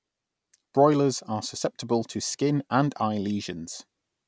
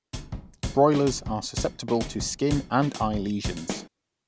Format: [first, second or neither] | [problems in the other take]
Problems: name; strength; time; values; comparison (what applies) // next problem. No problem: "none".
first | background sound (Drum kit); 8 dB below the speech